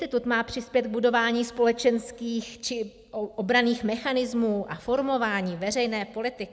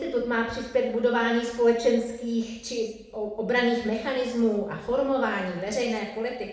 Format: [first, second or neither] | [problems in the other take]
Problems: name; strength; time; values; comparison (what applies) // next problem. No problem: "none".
first | room echo; dies away in 0.8 s